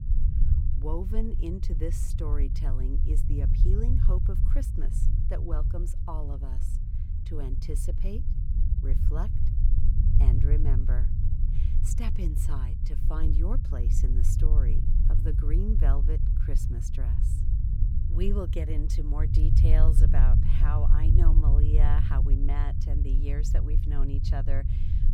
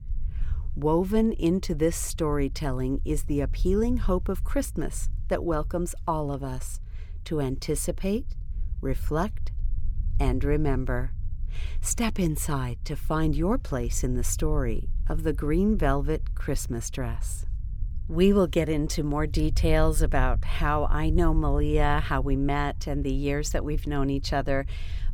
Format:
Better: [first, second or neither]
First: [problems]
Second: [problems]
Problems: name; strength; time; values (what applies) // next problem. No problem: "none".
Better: second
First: low rumble; loud; throughout; 3 dB below the speech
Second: low rumble; faint; throughout; 25 dB below the speech